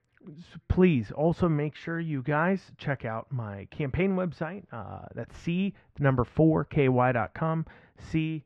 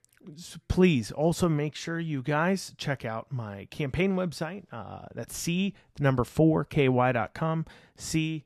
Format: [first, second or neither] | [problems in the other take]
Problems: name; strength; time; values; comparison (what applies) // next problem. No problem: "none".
second | muffled; very; fading above 2 kHz